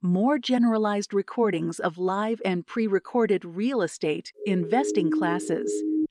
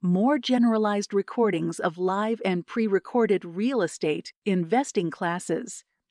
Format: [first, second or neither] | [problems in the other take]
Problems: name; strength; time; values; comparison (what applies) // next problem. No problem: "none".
second | siren; noticeable; from 4.5 s on; peak level with the speech